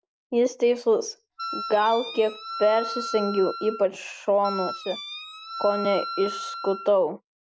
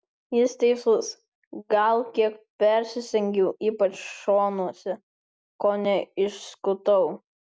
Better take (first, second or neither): second